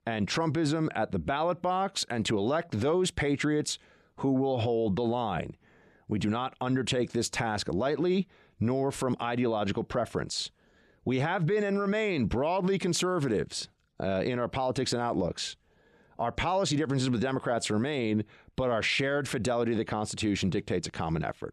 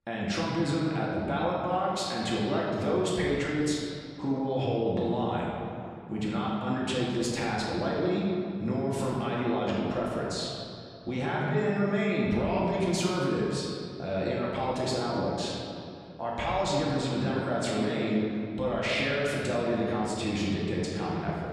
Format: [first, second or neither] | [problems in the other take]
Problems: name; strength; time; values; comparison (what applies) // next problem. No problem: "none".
first | room echo; noticeable; dies away in 2.1 s // off-mic speech; far